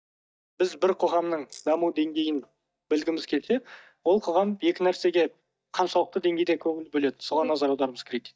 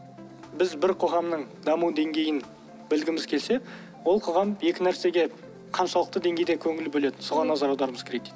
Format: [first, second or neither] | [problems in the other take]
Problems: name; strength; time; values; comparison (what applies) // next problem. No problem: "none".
second | noise reduction (neural mask model DeepFilterNet 3)